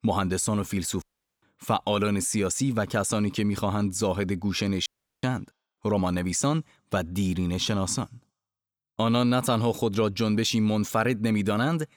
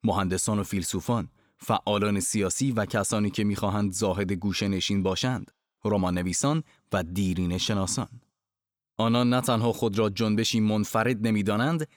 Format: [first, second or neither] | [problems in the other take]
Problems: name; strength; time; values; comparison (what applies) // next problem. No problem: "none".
second | audio cutting out; at 1 s and at 5 s